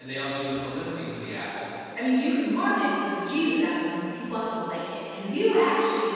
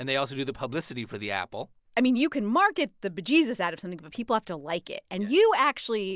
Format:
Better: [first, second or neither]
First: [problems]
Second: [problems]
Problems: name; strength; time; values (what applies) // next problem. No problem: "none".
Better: second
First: room echo; dies away in 2.1 s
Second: none